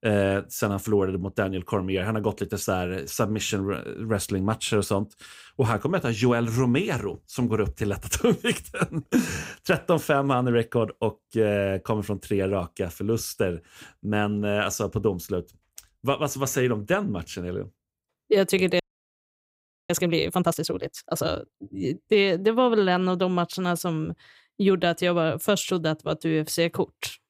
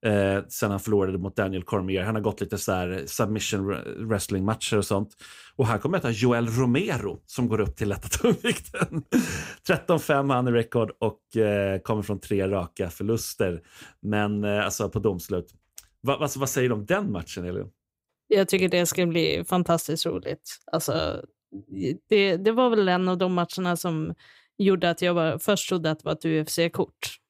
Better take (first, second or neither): second